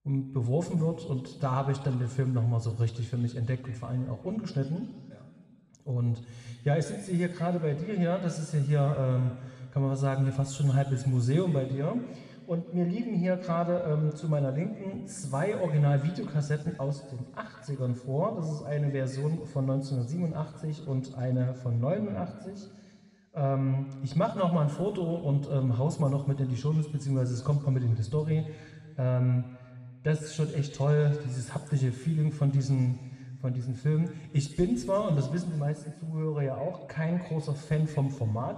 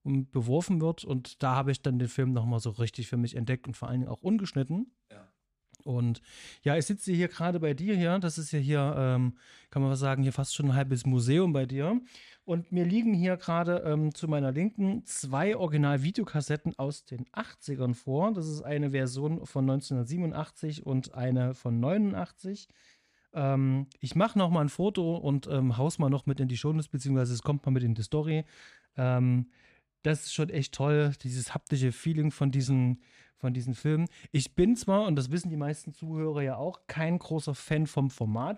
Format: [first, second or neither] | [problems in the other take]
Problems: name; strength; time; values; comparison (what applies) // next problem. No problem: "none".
second | room echo; noticeable; dies away in 1.6 s // off-mic speech; somewhat distant